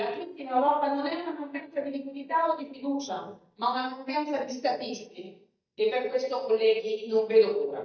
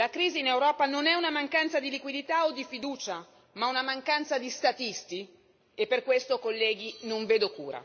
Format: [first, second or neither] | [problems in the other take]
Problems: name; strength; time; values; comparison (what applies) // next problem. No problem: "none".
second | noise reduction (neural mask model DeepFilterNet 3)